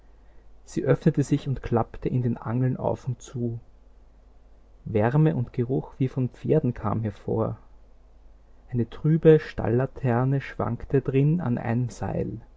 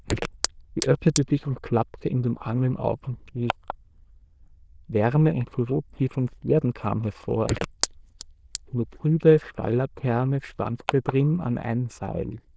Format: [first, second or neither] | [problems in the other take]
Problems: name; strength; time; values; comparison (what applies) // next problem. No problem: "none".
first | noise reduction (neural diffusion model UNIVERSE++)